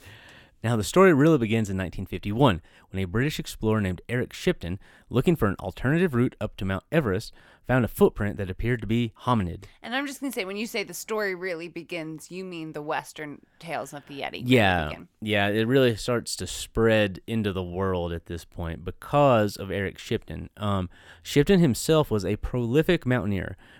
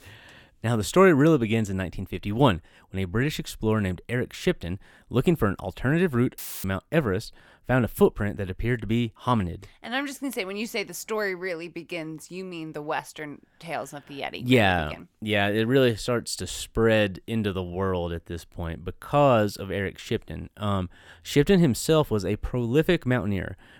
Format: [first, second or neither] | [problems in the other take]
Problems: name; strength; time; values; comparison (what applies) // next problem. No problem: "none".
first | audio cutting out; filled with static; at 6.5 s